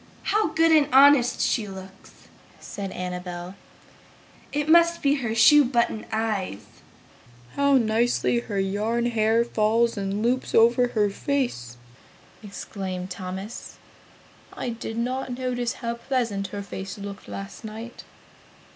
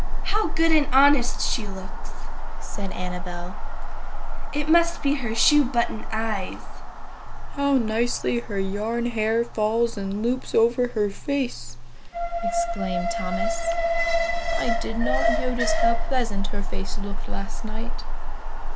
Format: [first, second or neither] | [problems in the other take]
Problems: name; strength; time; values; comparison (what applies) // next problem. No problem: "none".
first | background sound (Alarm); 5 dB above the speech